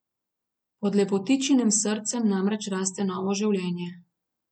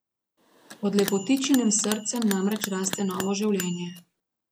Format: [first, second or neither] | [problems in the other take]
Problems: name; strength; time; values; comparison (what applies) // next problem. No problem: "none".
first | background sound (Bell); 11 dB below the speech